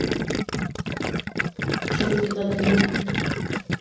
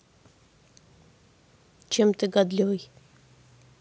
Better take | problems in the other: second | background sound (Gurgling); 4 dB above the speech // room echo; dies away in 1.3 s

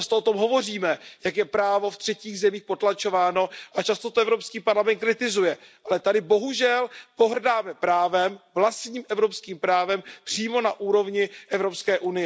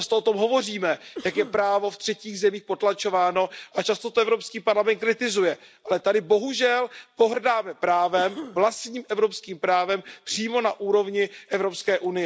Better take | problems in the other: first | background sound (Cough); 16 dB below the speech

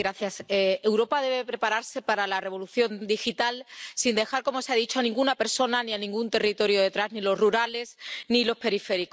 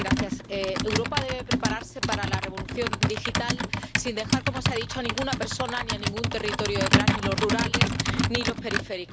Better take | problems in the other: first | background sound (Computer keyboard); 5 dB above the speech

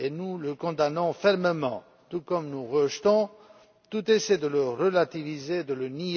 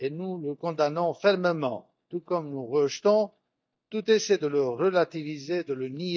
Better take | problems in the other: first | noise reduction (neural mask model DeepFilterNet 3)

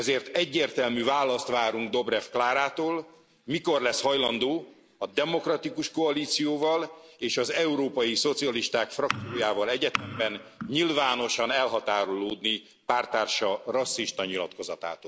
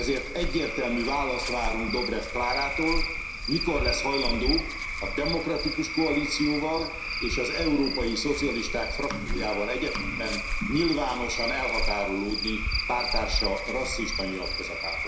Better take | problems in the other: first | background sound (Cricket / Frog); 1 dB below the speech // room echo; dies away in 0.7 s

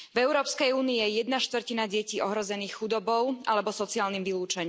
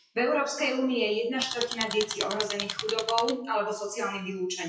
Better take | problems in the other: first | noise reduction (classical method WPE with log-MMSE)

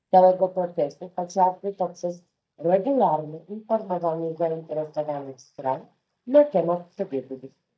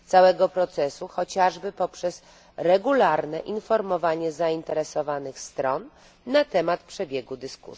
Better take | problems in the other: second | noise reduction (neural mask model DeepFilterNet 3)

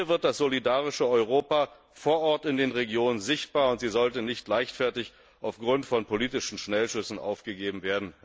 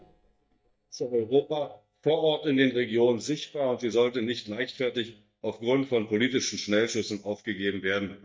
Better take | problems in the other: first | noise reduction (neural mask model DeepFilterNet 3)

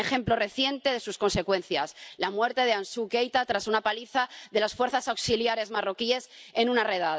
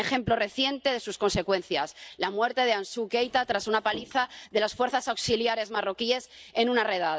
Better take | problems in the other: first | noise reduction (neural mask model Resemble Enhance denoiser)

